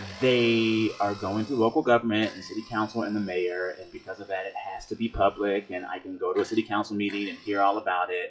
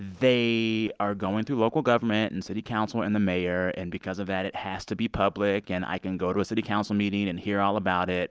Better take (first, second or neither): second